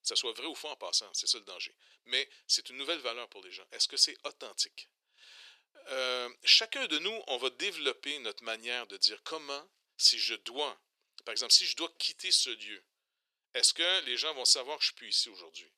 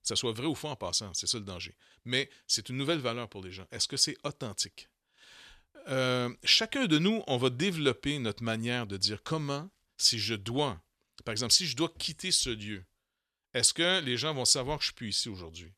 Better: second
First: thin; very; fading below 400 Hz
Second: none

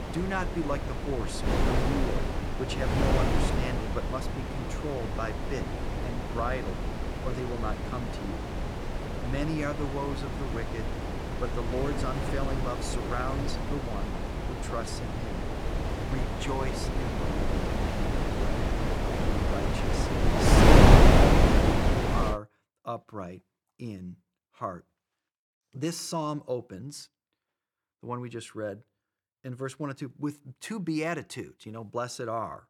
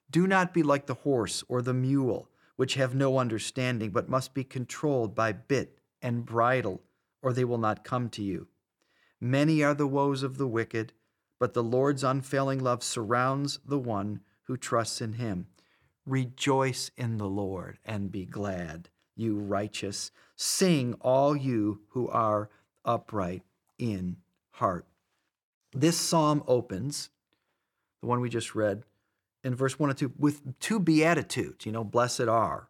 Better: second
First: wind noise on the microphone; heavy; until 22 s; 5 dB above the speech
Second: none

